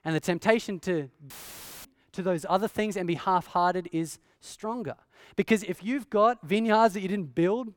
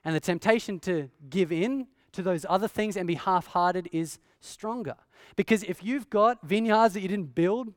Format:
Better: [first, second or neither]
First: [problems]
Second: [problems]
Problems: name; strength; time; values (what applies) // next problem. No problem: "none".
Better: second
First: audio cutting out; filled with static; at 1.5 s for 0.5 s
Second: none